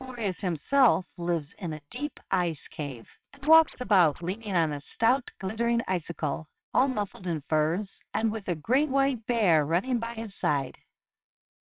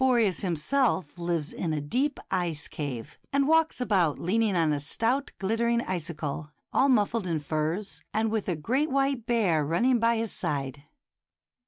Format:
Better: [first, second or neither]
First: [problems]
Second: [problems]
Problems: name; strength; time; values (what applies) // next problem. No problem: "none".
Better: second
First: noise reduction (neural separator model SepFormer WHAMR!)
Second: none